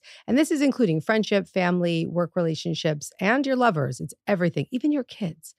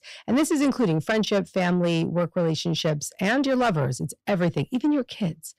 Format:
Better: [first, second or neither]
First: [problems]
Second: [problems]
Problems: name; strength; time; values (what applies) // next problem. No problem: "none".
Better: first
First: none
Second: distortion; slight; 10 dB below the speech